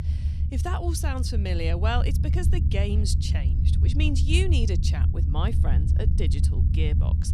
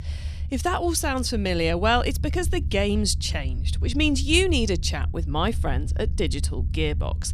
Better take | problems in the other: second | low rumble; loud; throughout; 7 dB below the speech; faint in the second

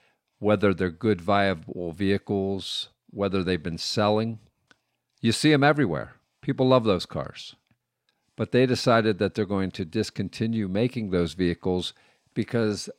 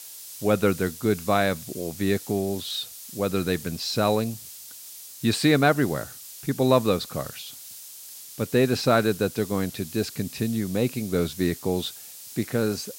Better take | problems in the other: first | hiss; noticeable; throughout; 15 dB below the speech

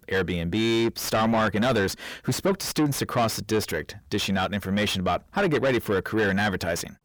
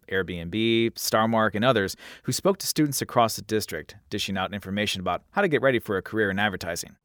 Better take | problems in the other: second | distortion; heavy; 7 dB below the speech

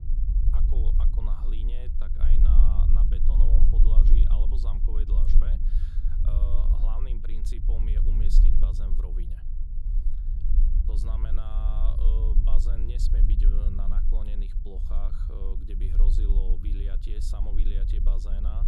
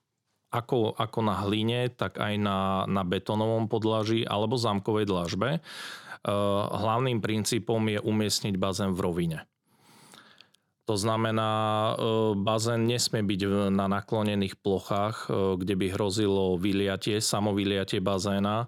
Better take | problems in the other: second | low rumble; loud; throughout; 1 dB below the speech

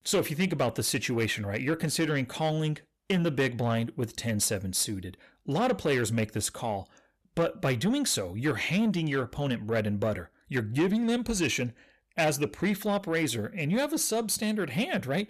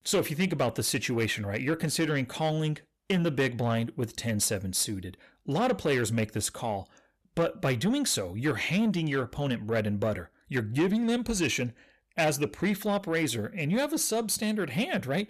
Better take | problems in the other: neither | distortion; slight; 10 dB below the speech; the same in both

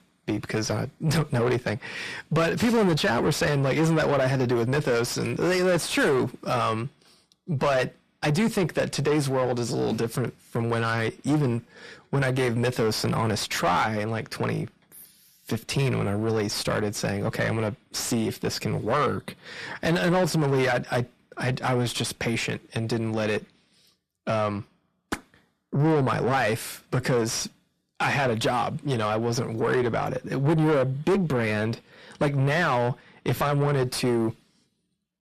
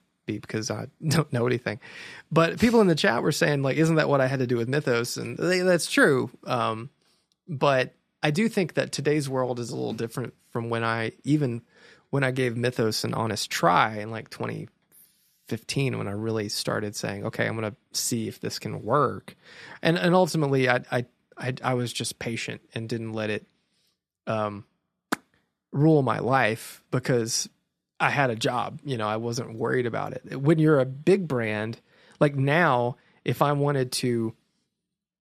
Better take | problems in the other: second | distortion; heavy; 6 dB below the speech

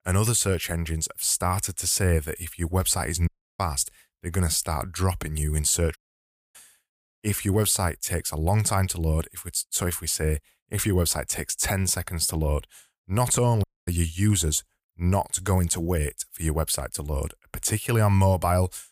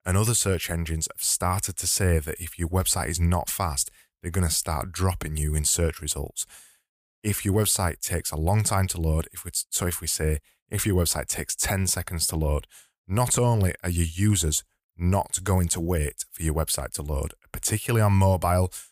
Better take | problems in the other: second | audio cutting out; at 3.5 s, at 6 s for 0.5 s and at 14 s

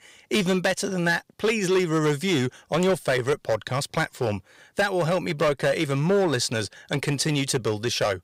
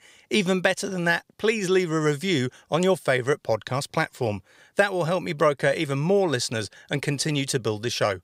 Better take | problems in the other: second | distortion; slight; 8% of the sound clipped

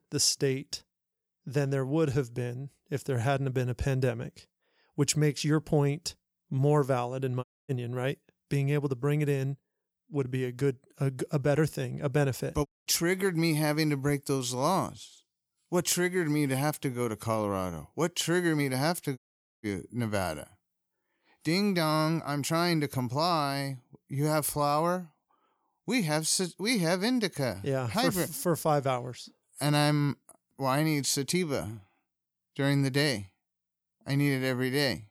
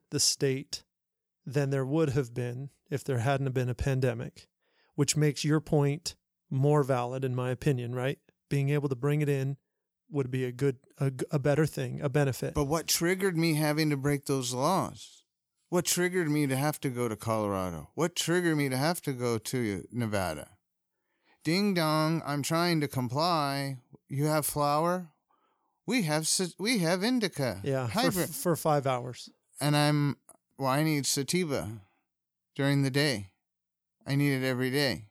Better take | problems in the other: second | audio cutting out; at 7.5 s, at 13 s and at 19 s

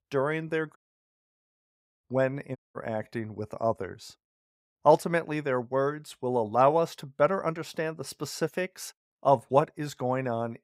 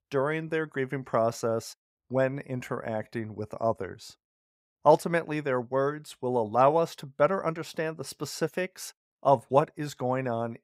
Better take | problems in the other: second | audio cutting out; at 1 s for 1.5 s and at 2.5 s

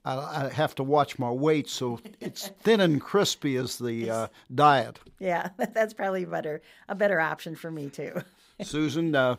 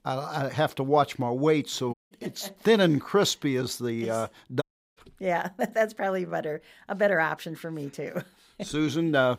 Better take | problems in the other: first | audio cutting out; at 2 s and at 4.5 s

